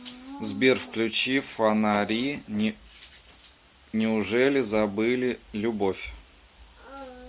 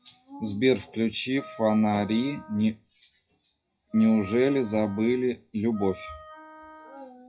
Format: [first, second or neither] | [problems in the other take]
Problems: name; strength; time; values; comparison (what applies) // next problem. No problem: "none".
first | noise reduction (classical method WPE with log-MMSE)